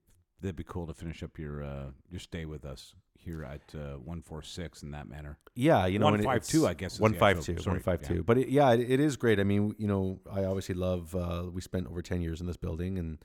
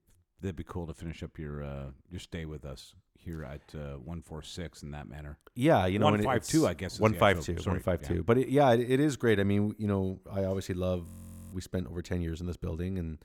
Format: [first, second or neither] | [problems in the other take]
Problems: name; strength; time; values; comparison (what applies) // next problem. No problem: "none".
first | audio freezing; at 11 s